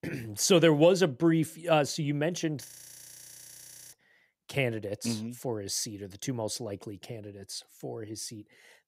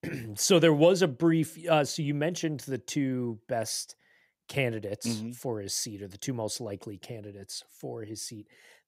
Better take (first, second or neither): second